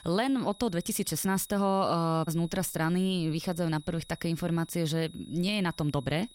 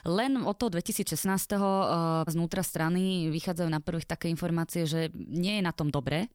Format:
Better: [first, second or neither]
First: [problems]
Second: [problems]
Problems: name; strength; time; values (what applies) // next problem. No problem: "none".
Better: second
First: high-pitched whine; faint; throughout; 4 kHz, 25 dB below the speech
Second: none